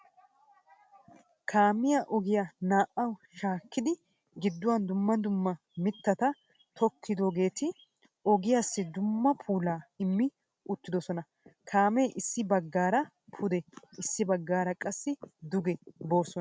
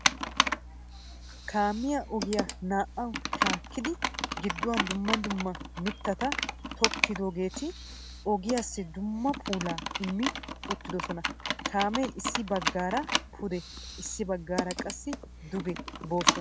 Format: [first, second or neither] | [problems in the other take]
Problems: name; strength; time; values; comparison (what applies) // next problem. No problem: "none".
first | background sound (Computer keyboard); 1 dB below the speech